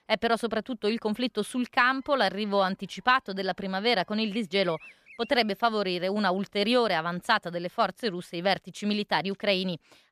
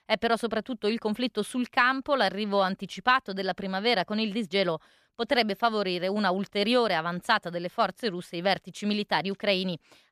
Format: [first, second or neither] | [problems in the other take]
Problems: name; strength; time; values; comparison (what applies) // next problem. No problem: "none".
second | animal sounds; faint; until 7 s; 20 dB below the speech